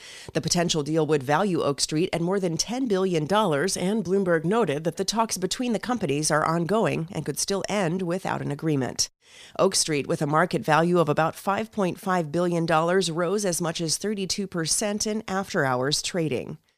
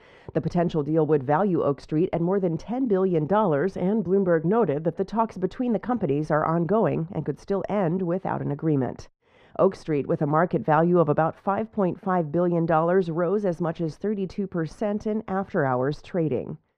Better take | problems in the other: first | muffled; very; fading above 3.5 kHz

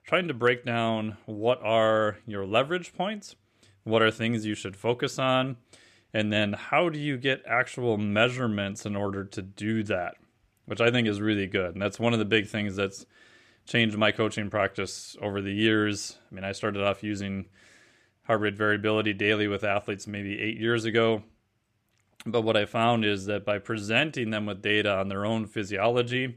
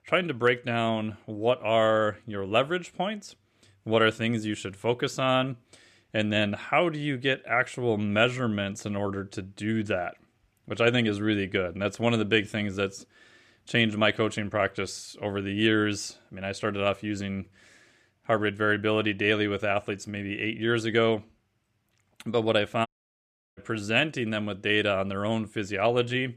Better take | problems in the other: first | audio cutting out; at 23 s for 0.5 s

